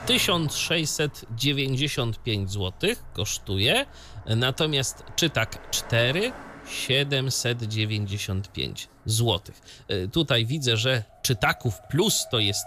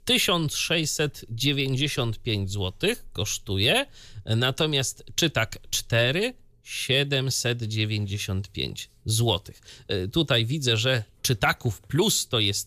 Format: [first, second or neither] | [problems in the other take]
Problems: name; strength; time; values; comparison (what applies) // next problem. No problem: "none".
second | traffic noise; faint; throughout; 20 dB below the speech